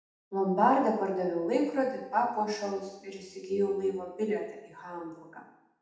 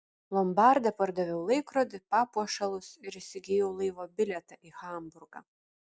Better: second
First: room echo; dies away in 0.8 s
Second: none

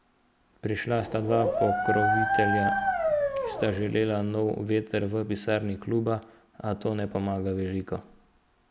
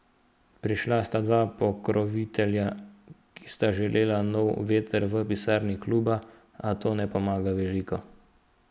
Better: second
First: background sound (Dog); 2 dB above the speech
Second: none

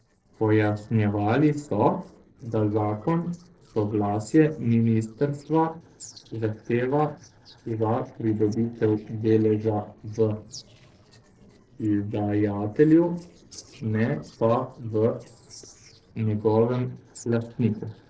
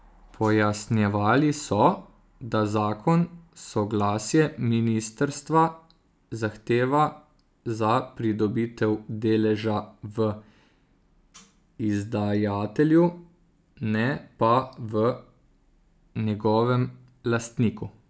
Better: second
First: noise reduction (neural separator model SepFormer DNS4)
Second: none

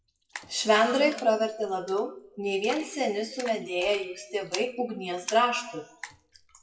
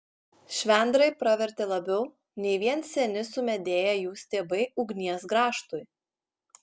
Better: second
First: noise reduction (classical method WPE with log-MMSE)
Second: none

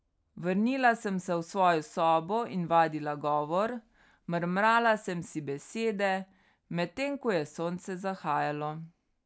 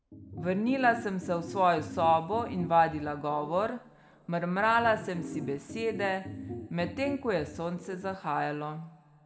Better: first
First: none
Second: background sound (Organ); 12 dB below the speech // room echo; dies away in 1.4 s

